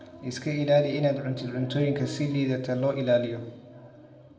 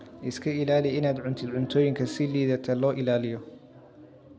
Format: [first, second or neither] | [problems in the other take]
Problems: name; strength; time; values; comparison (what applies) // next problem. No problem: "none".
second | room echo; dies away in 0.9 s